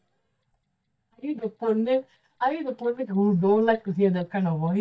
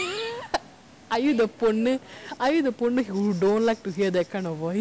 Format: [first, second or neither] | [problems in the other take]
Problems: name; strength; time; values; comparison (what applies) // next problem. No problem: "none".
second | noise reduction (neural mask model DeepFilterNet 3)